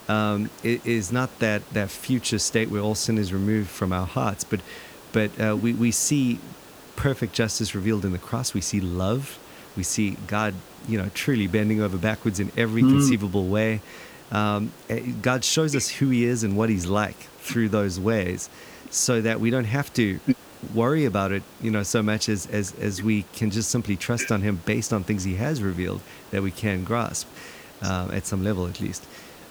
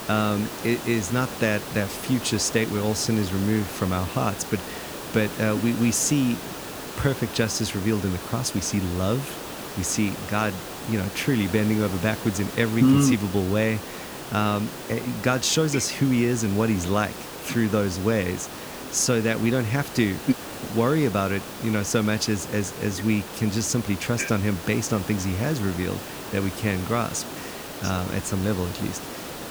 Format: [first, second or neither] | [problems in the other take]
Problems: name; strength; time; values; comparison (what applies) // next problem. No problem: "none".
first | hiss; loud; throughout; 10 dB below the speech; faint in the first